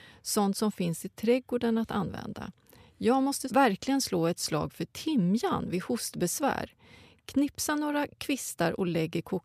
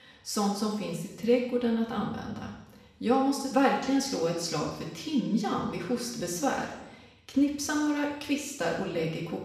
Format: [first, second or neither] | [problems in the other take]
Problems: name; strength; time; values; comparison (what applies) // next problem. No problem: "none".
first | room echo; noticeable; dies away in 0.9 s // off-mic speech; far